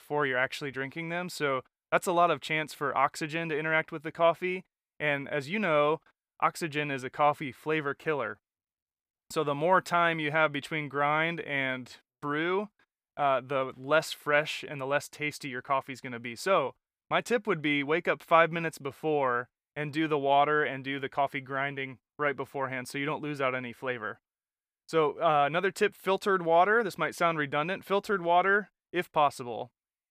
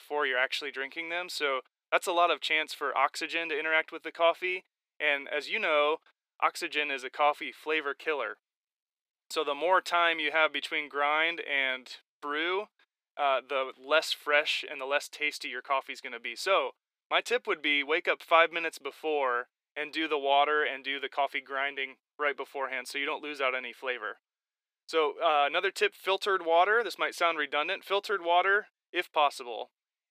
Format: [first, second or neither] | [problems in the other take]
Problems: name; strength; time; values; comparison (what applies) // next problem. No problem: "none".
first | thin; somewhat; fading below 350 Hz